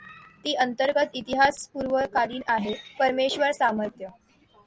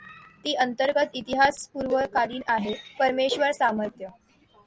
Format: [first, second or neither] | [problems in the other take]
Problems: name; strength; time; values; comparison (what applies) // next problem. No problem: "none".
first | background sound (Cowbell); 14 dB below the speech